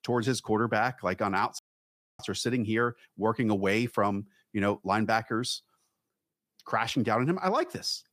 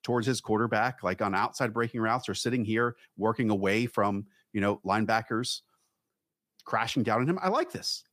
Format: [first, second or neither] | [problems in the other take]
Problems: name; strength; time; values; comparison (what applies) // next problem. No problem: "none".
second | audio cutting out; at 1.5 s for 0.5 s